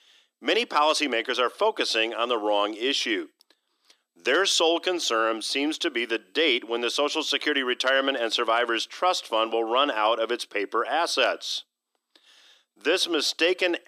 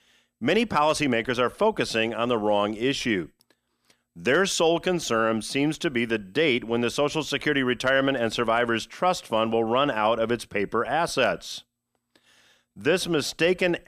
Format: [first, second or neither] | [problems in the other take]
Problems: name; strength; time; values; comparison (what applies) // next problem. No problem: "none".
second | thin; somewhat; fading below 300 Hz